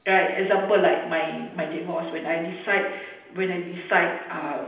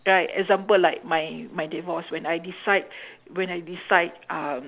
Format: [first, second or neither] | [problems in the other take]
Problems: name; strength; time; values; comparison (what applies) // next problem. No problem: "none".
second | room echo; dies away in 0.9 s